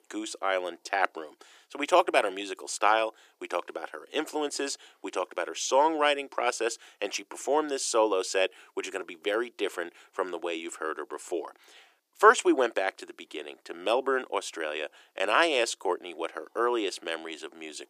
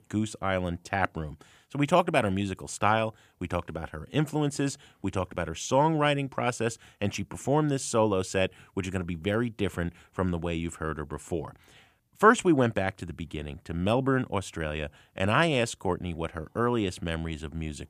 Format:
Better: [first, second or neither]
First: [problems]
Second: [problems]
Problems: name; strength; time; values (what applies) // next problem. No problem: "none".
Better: second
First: thin; very; fading below 350 Hz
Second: none